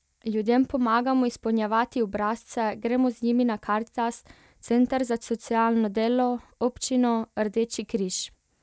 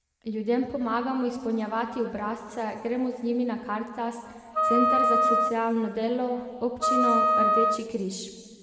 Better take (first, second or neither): first